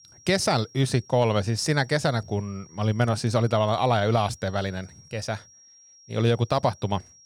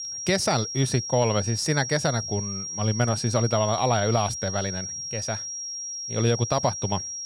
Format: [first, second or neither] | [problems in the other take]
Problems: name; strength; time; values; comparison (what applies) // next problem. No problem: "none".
first | high-pitched whine; loud; throughout; 5.5 kHz, 5 dB below the speech; faint in the first